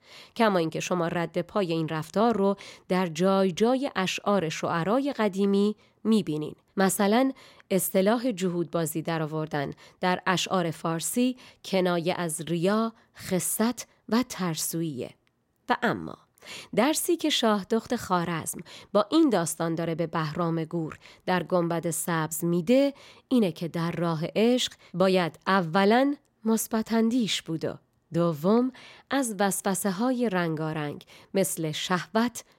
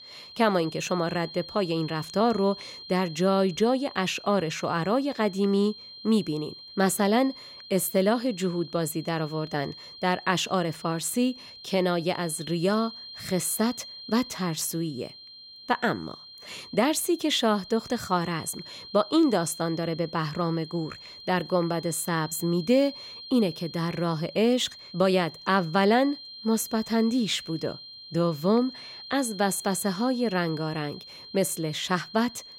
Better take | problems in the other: first | high-pitched whine; noticeable; throughout; 4 kHz, 15 dB below the speech

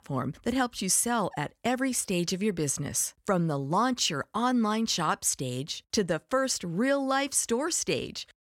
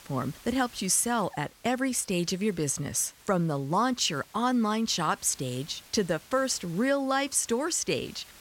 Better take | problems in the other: first | hiss; faint; throughout; 25 dB below the speech

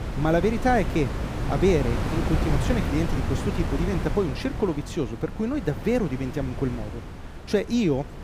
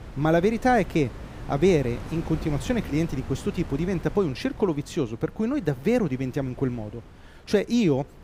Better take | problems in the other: second | wind noise on the microphone; heavy; 7 dB below the speech; occasional gusts in the second

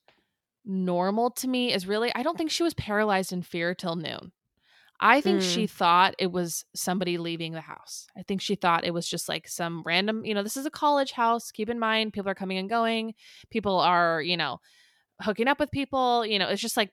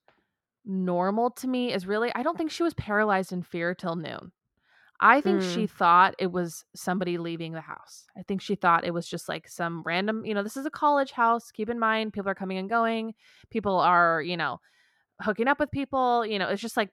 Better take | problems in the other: first | muffled; slightly; fading above 2 kHz

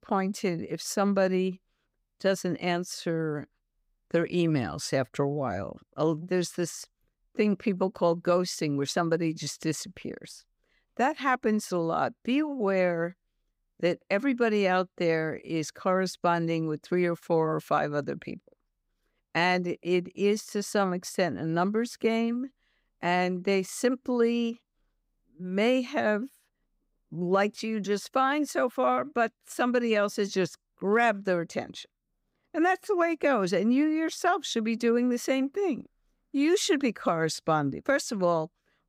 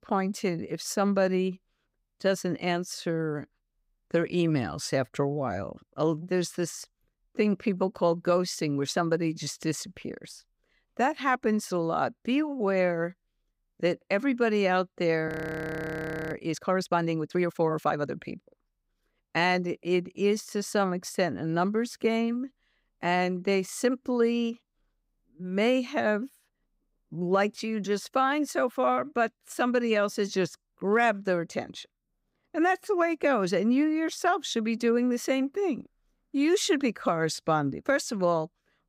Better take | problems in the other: first | audio freezing; at 15 s for 1 s

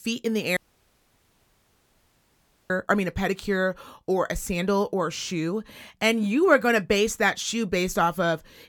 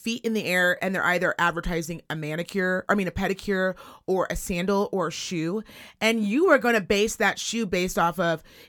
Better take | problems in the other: second | audio cutting out; at 0.5 s for 2 s

